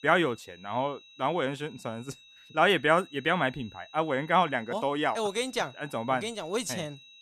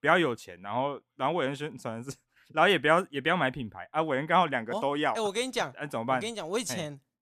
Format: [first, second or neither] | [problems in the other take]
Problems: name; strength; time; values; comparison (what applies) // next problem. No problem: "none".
second | high-pitched whine; faint; throughout; 4 kHz, 25 dB below the speech